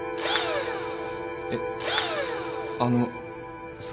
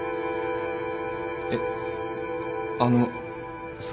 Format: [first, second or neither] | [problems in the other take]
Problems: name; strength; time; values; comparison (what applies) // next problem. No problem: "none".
second | background sound (Engine / Drill); 2 dB below the speech